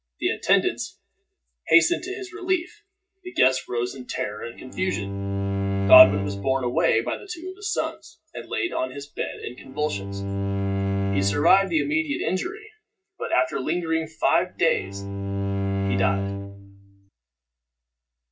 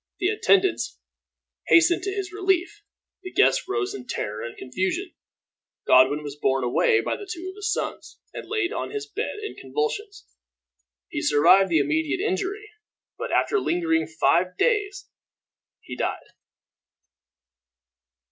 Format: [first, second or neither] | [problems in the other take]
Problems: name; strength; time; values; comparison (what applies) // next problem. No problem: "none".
second | background sound (Bowed string instrument); 2 dB below the speech // room echo; dies away in 0.4 s